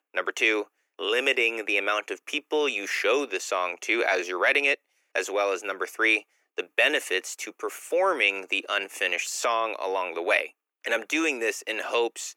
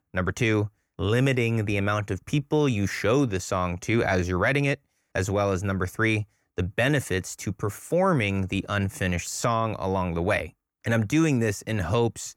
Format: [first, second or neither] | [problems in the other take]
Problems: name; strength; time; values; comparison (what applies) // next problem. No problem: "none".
second | thin; very; fading below 350 Hz